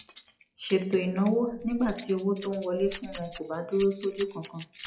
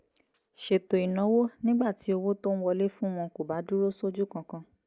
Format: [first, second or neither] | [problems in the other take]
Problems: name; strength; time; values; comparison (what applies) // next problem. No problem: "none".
second | noise reduction (classical method WPE with log-MMSE)